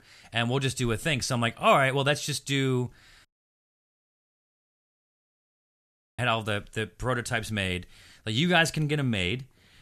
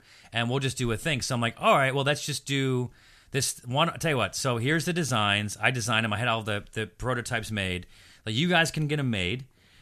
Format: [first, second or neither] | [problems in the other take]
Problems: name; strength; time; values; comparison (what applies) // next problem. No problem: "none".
second | audio cutting out; at 3.5 s for 3 s